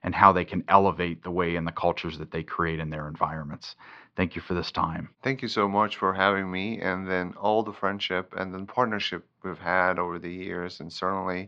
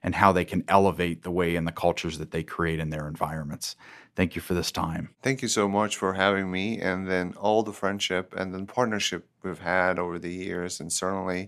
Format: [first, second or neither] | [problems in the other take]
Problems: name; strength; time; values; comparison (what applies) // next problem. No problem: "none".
second | muffled; slightly; fading above 4.5 kHz